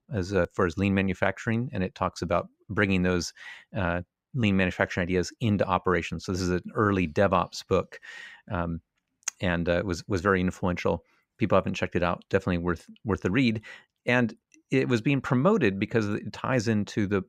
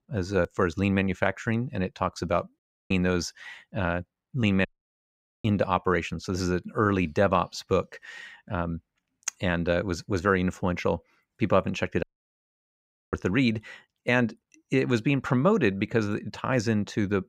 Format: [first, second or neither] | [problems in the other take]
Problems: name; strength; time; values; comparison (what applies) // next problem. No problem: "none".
first | audio cutting out; at 2.5 s, at 4.5 s for 1 s and at 12 s for 1 s